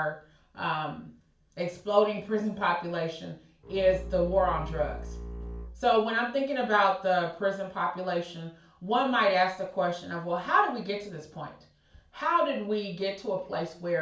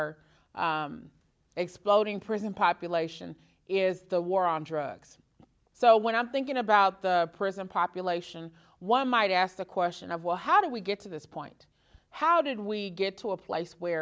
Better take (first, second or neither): second